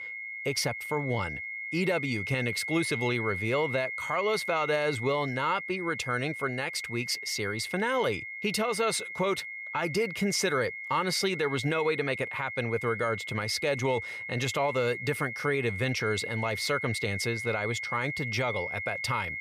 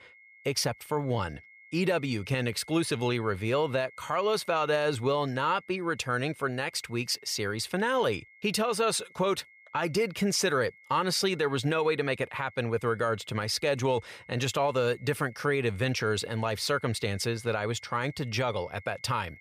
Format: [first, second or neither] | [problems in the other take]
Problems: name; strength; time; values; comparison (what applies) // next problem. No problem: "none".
second | high-pitched whine; loud; throughout; 2 kHz, 5 dB below the speech; faint in the second